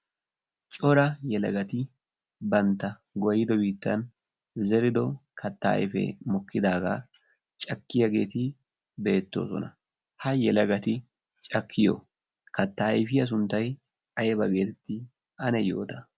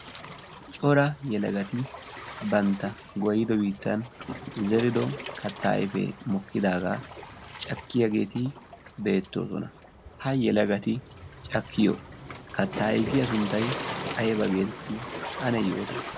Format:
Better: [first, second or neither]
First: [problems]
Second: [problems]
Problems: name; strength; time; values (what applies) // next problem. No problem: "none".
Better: first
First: none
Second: background sound (Waves, surf); 11 dB below the speech